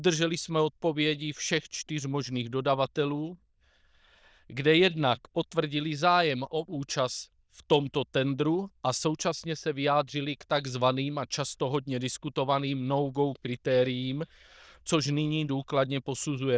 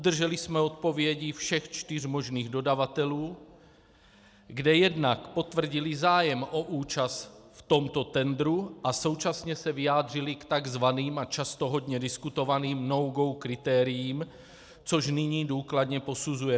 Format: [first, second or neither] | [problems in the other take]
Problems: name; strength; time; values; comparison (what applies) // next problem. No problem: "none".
second | noise reduction (neural diffusion model UNIVERSE++)